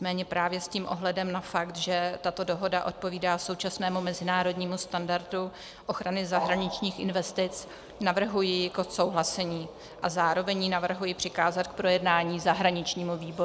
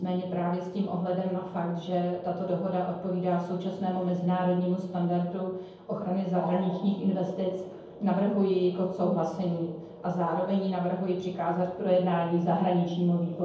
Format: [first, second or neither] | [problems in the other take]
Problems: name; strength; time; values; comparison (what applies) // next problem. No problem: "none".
first | room echo; dies away in 0.9 s